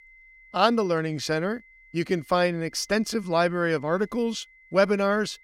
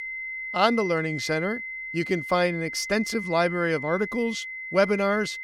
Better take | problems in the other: first | high-pitched whine; loud; throughout; 2 kHz, 7 dB below the speech; faint in the first

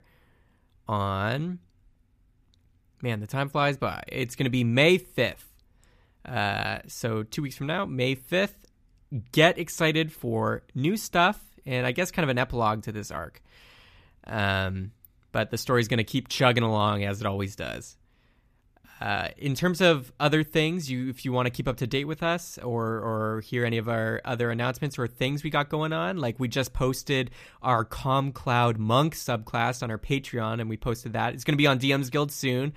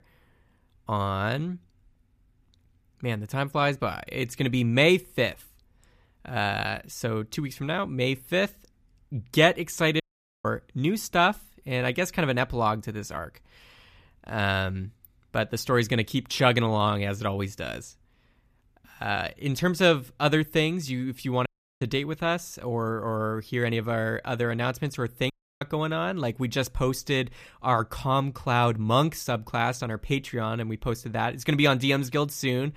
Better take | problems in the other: first | audio cutting out; at 10 s, at 21 s and at 25 s

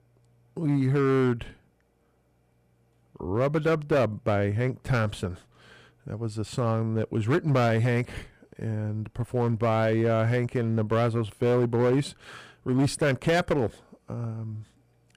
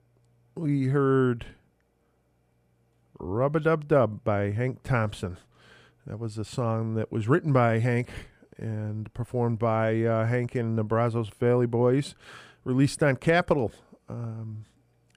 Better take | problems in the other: second | distortion; slight; 6% of the sound clipped

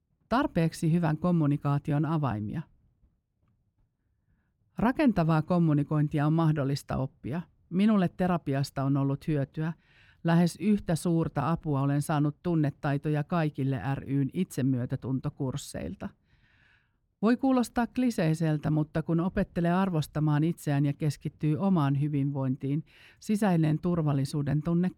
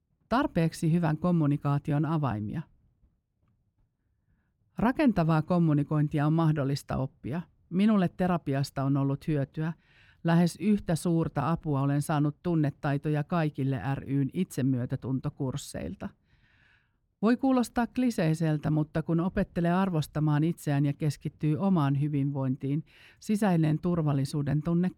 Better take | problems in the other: neither | none

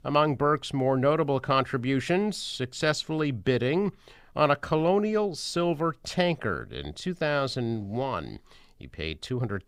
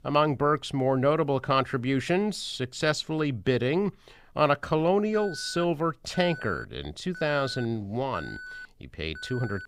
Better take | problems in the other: first | alarm; faint; from 5 s on; peak 10 dB below the speech

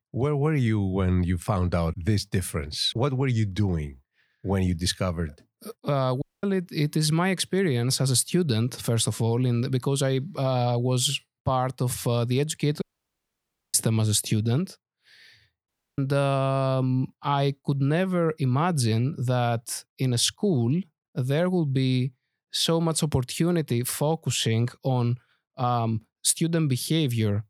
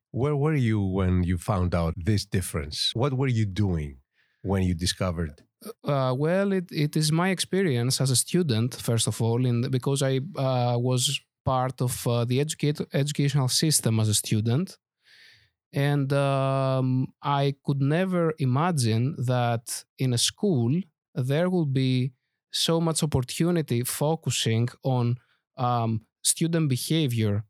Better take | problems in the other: second | audio cutting out; at 6 s, at 13 s for 1 s and at 16 s

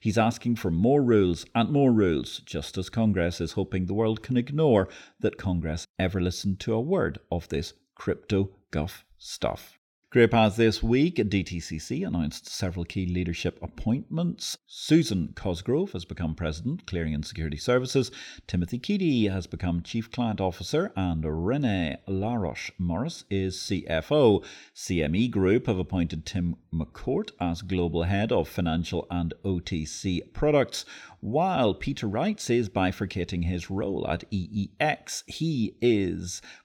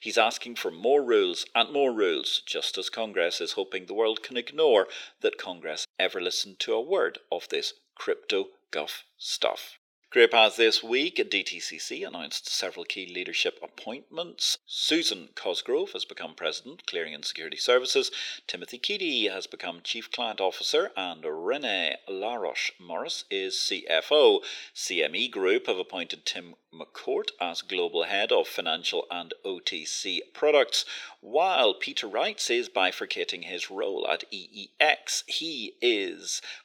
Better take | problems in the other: first | thin; very; fading below 400 Hz

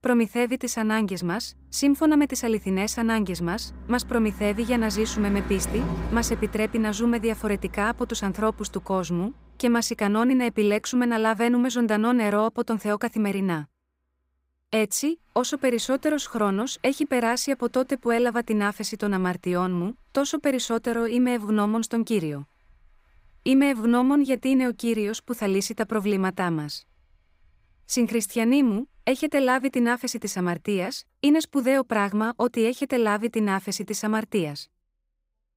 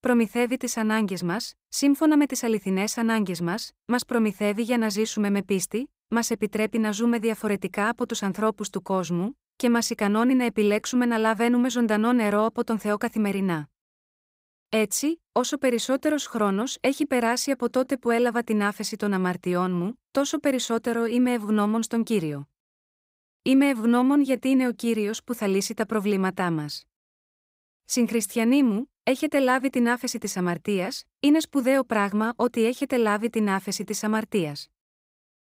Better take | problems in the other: second | traffic noise; noticeable; throughout; 15 dB below the speech

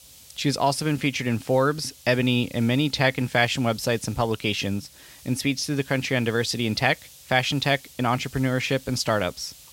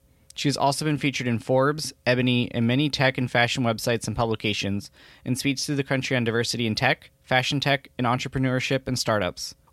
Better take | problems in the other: second | hiss; faint; throughout; 20 dB below the speech

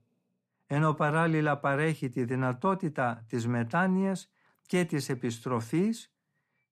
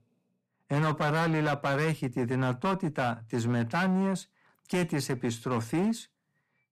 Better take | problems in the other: first | distortion; slight; 13% of the sound clipped

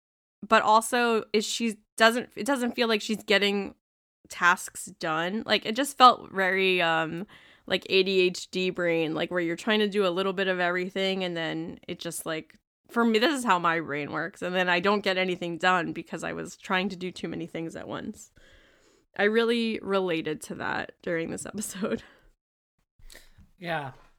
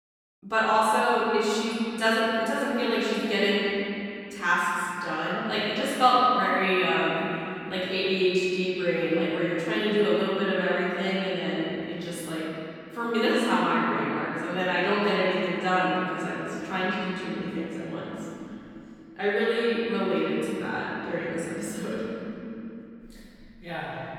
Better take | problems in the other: first | off-mic speech; far // room echo; strong; dies away in 2.9 s

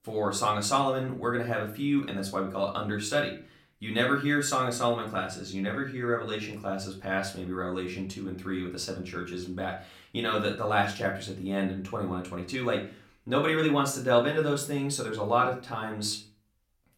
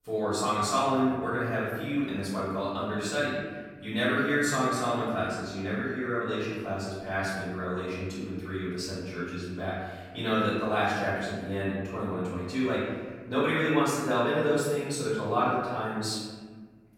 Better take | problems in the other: first | room echo; strong; dies away in 1.6 s; slight in the first // off-mic speech; far; far in the first

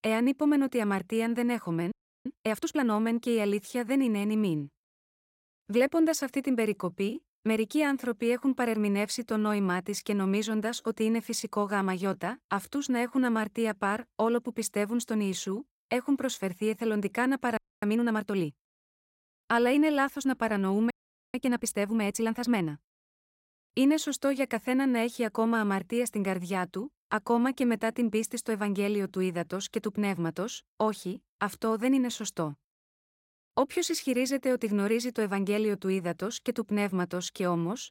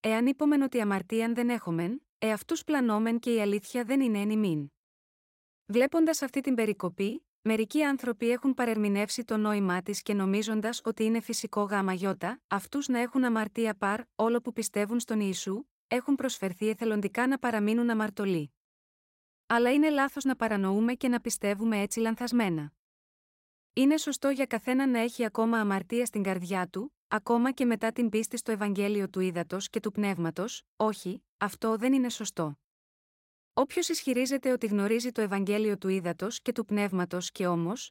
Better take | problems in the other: second | audio freezing; at 2 s, at 18 s and at 21 s

